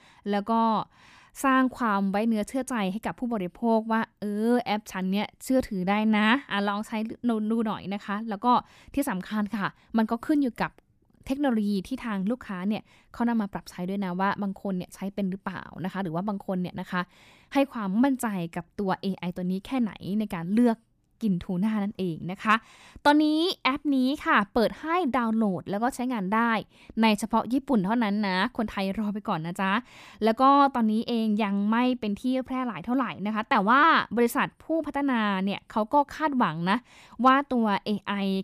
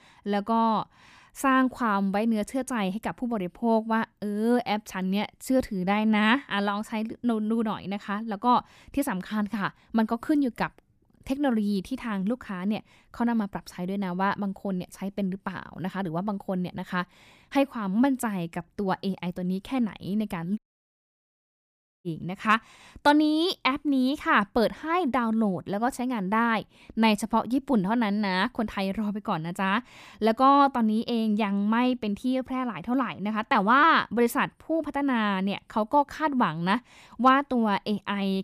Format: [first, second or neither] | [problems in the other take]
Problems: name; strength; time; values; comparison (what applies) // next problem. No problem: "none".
first | audio cutting out; at 21 s for 1.5 s